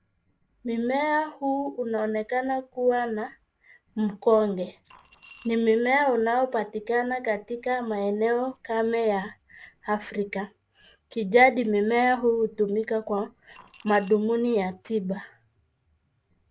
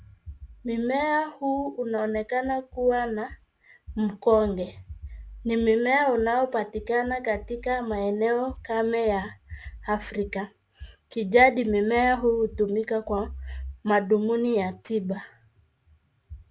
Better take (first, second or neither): second